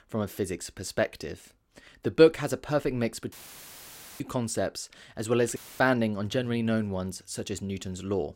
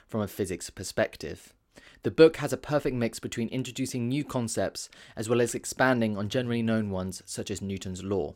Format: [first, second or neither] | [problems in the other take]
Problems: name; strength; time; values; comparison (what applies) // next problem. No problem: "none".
second | audio cutting out; filled with static; at 3.5 s for 1 s and at 5.5 s